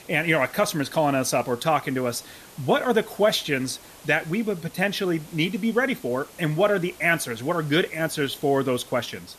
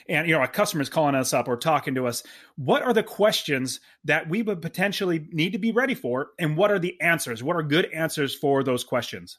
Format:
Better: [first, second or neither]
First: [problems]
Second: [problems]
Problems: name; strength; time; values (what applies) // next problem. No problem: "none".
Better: second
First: hiss; faint; throughout; 20 dB below the speech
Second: none